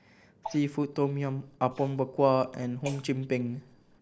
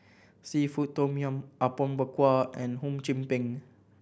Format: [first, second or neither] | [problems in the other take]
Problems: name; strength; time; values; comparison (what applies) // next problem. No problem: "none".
second | noise reduction (neural mask model Resemble Enhance denoiser)